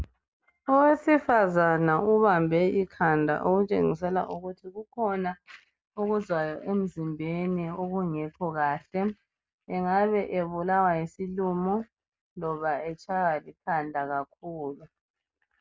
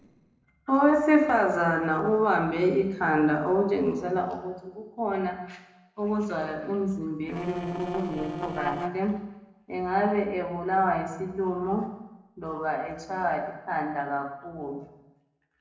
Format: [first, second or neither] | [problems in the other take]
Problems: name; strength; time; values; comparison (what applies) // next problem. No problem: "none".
first | noise reduction (neural separator model SepFormer DNS4)